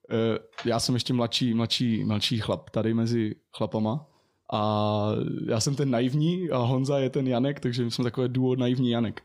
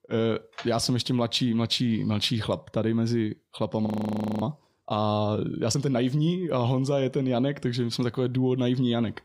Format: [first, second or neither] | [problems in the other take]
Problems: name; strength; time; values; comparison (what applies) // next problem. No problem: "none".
first | audio freezing; at 4 s for 0.5 s